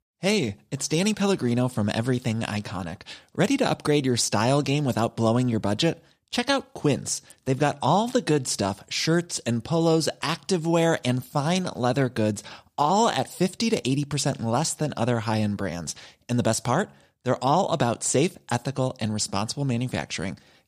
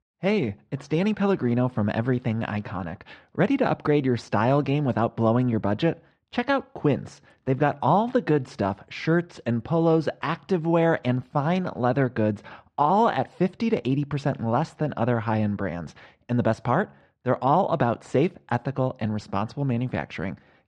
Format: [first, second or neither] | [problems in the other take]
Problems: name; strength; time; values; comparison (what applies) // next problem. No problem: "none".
first | muffled; very; fading above 2 kHz